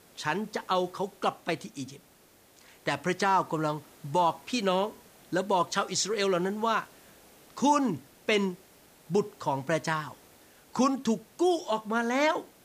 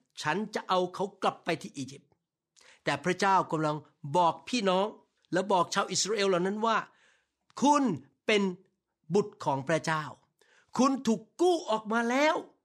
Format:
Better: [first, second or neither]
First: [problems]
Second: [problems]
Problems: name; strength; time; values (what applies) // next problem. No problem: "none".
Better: second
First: hiss; faint; throughout; 25 dB below the speech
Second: none